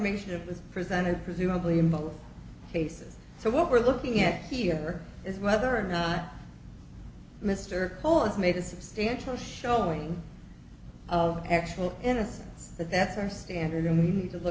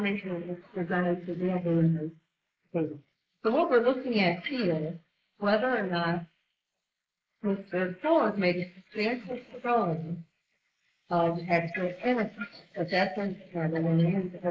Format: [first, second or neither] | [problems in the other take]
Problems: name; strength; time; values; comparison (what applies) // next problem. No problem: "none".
first | noise reduction (neural mask model Resemble Enhance denoiser)